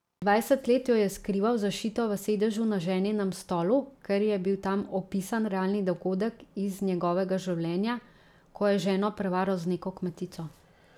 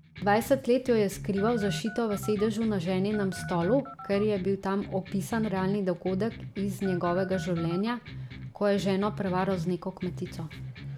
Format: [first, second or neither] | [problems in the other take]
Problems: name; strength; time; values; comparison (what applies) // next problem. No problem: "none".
first | background sound (Electric guitar + Telephone); 11 dB below the speech